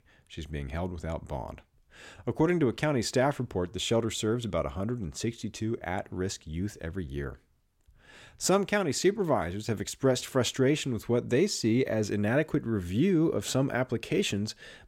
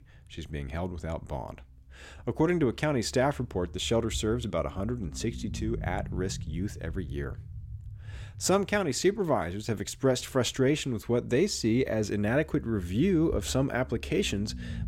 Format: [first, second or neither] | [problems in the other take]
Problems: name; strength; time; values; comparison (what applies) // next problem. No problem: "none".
first | low rumble; faint; throughout; 25 dB below the speech